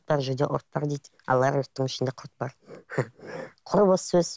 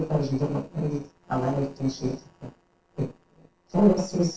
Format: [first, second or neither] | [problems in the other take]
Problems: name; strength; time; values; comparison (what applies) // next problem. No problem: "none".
first | noise reduction (neural separator model SepFormer DNS4)